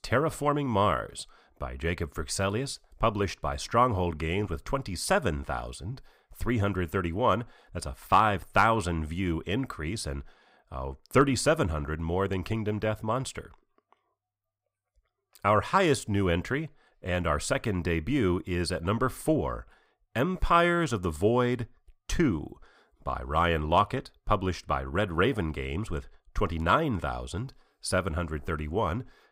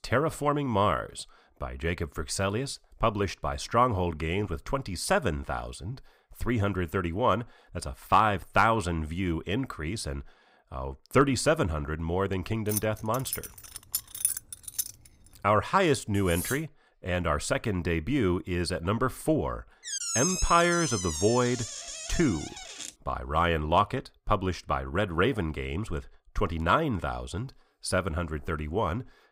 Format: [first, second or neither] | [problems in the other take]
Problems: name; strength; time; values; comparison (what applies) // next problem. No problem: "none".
first | jangling keys; loud; from 13 to 15 s; peak 1 dB above the speech // clattering dishes; noticeable; at 16 s; peak 6 dB below the speech // door banging; loud; from 20 to 23 s; peak 1 dB above the speech